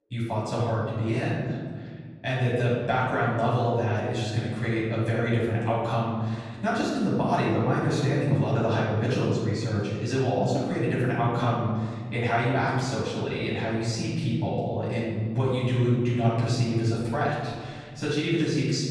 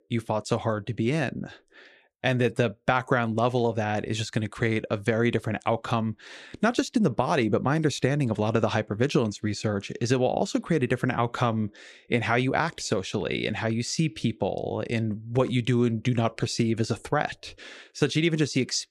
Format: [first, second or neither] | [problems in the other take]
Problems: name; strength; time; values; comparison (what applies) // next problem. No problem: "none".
second | room echo; strong; dies away in 1.9 s // off-mic speech; far